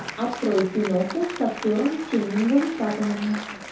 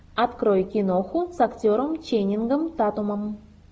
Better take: second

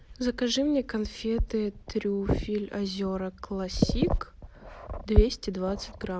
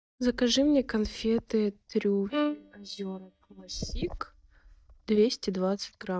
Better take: first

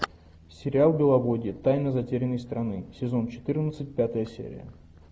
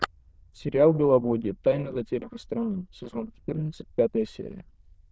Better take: first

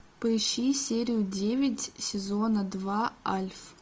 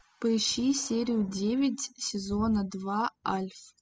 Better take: first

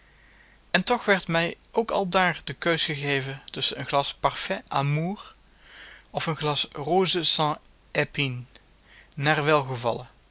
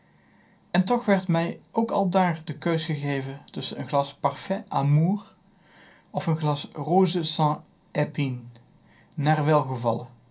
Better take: first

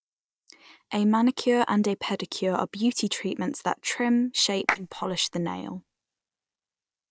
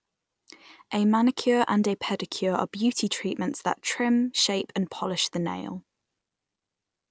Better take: second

